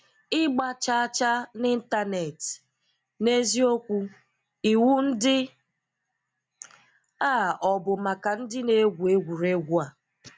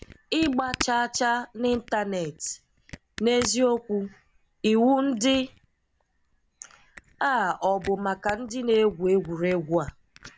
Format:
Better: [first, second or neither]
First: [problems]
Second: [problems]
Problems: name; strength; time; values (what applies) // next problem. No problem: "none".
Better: first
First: none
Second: background sound (Camera); 17 dB below the speech